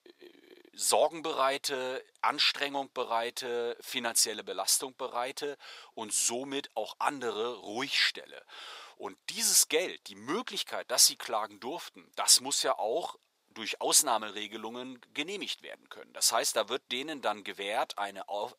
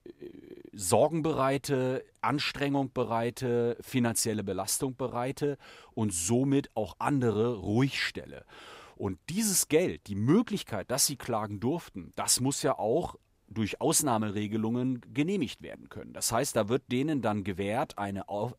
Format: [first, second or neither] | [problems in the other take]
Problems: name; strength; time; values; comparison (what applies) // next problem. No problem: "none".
second | thin; very; fading below 650 Hz